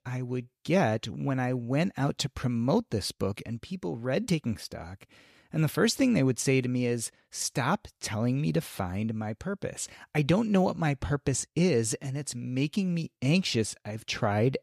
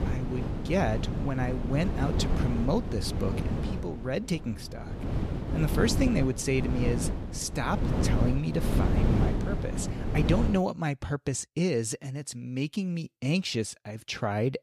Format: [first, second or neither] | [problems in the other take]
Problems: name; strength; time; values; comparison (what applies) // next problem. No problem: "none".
first | wind noise on the microphone; heavy; until 11 s; 4 dB below the speech